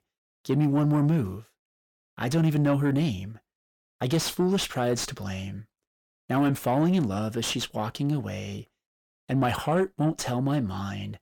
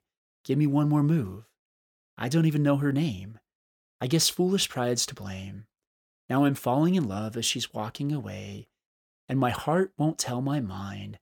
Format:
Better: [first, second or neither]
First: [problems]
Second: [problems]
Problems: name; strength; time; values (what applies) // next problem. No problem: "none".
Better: second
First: distortion; slight; 10 dB below the speech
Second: none